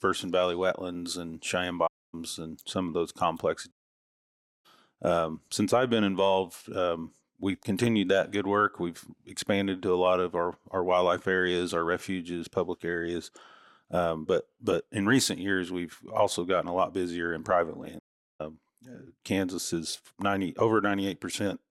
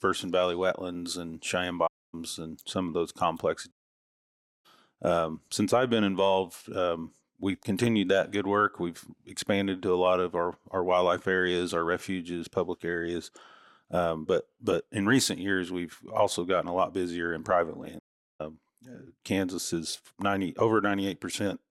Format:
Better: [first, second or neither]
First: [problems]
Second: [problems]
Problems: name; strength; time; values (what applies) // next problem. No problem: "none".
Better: neither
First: audio cutting out; at 2 s, at 3.5 s for 1 s and at 18 s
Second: audio cutting out; at 2 s, at 3.5 s for 1 s and at 18 s